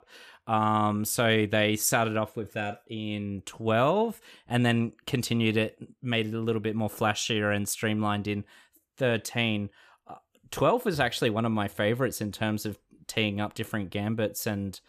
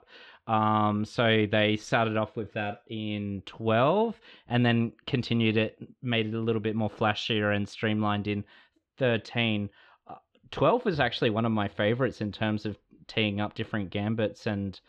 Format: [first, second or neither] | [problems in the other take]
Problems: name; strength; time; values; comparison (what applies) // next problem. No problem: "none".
first | muffled; slightly; fading above 4 kHz